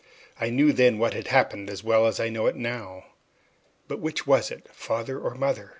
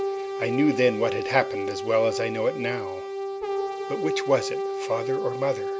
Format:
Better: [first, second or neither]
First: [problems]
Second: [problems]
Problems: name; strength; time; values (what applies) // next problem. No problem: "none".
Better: first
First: none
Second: background sound (Brass instrument); 3 dB below the speech